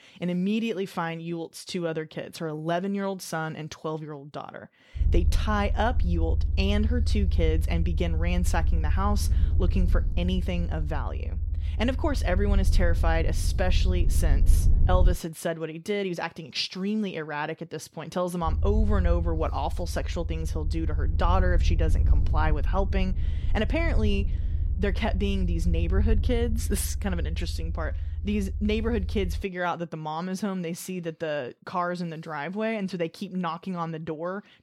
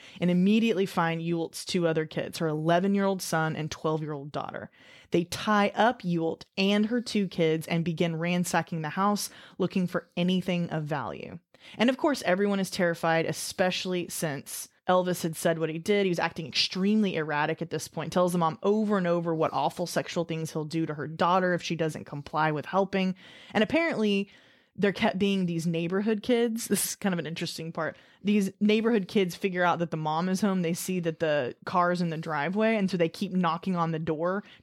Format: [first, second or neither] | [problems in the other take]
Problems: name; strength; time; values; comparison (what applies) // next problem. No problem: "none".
second | low rumble; noticeable; from 5 to 15 s and from 18 to 29 s; 15 dB below the speech